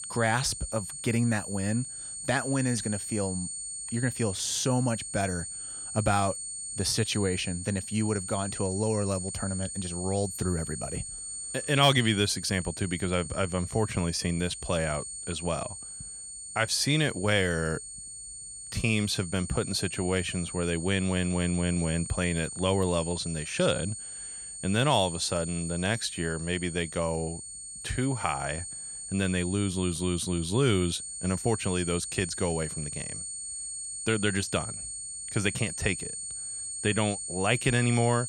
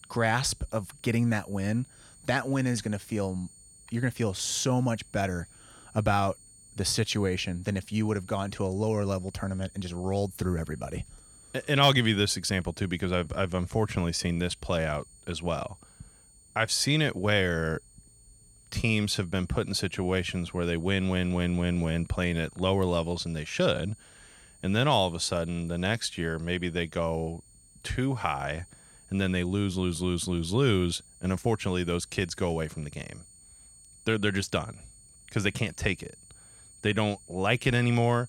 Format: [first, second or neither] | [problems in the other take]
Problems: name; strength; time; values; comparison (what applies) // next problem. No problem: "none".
second | high-pitched whine; loud; throughout; 8.5 kHz, 7 dB below the speech; faint in the second